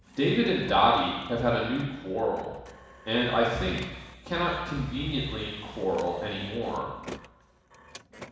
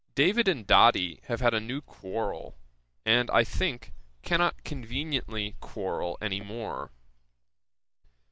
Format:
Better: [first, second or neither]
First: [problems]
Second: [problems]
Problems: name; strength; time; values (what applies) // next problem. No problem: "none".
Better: second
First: background sound (Printer); 20 dB below the speech // room echo; dies away in 1.1 s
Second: none